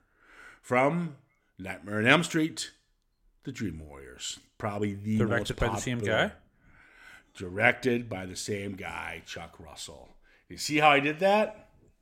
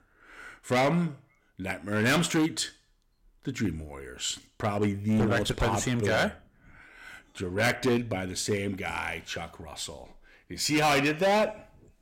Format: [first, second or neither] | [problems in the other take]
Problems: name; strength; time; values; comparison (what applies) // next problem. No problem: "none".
first | distortion; heavy; 7% of the sound clipped